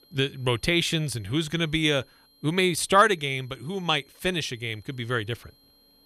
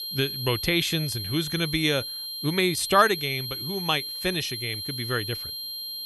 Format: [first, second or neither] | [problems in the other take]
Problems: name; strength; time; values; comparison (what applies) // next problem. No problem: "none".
first | high-pitched whine; loud; throughout; 4 kHz, 5 dB below the speech; faint in the first